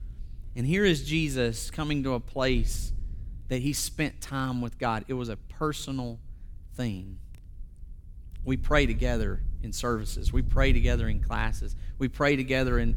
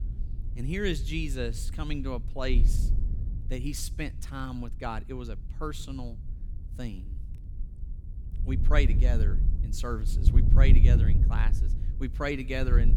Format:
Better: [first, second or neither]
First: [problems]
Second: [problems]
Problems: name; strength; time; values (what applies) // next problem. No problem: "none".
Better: first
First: wind noise on the microphone; occasional gusts; 25 dB below the speech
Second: wind noise on the microphone; heavy; 9 dB below the speech